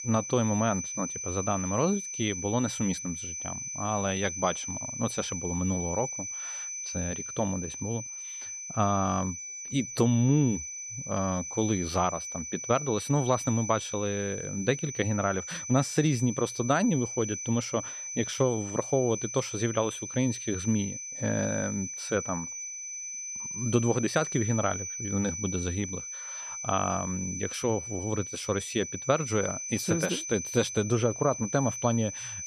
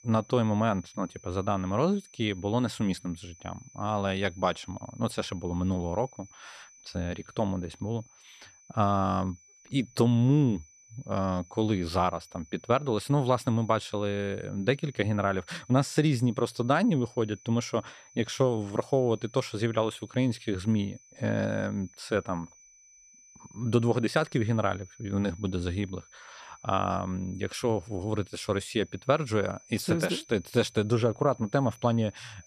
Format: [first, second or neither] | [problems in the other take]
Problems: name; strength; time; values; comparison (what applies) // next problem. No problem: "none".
second | high-pitched whine; loud; throughout; 6 kHz, 5 dB below the speech; faint in the second